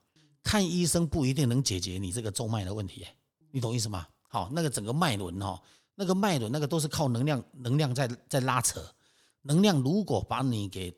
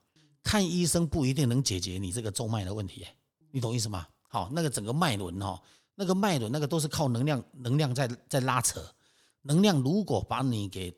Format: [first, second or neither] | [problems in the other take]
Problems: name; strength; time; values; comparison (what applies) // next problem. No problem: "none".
neither | none